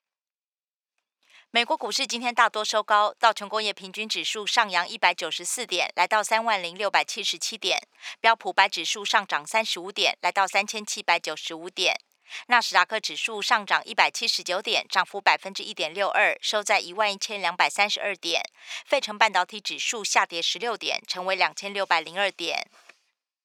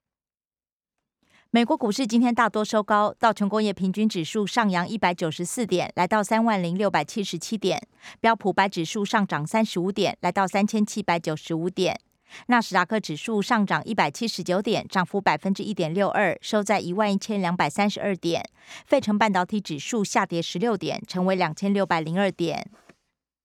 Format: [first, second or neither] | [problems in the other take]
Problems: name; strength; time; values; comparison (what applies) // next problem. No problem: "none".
second | thin; very; fading below 700 Hz